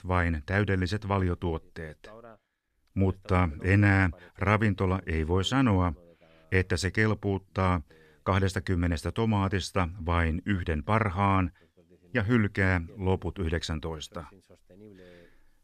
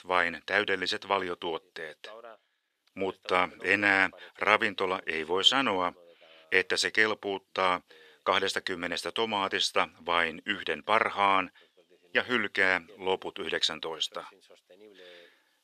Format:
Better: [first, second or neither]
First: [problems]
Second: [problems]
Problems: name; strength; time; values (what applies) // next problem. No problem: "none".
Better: first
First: none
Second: thin; very; fading below 500 Hz